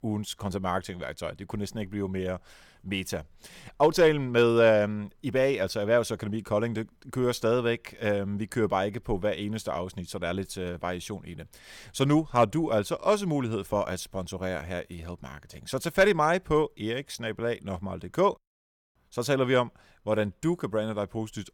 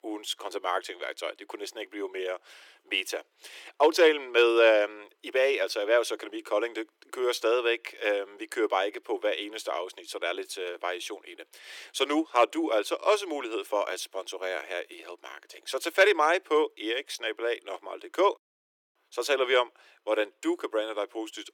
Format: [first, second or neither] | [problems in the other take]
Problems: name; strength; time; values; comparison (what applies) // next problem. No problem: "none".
first | thin; very; fading below 300 Hz